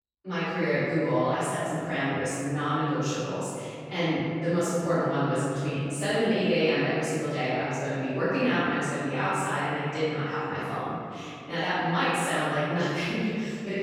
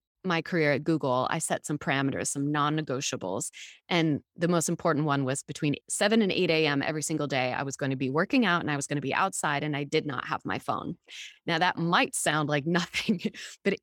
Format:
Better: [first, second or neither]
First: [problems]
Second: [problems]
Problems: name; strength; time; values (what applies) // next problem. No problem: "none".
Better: second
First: room echo; strong; dies away in 2.3 s // off-mic speech; far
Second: none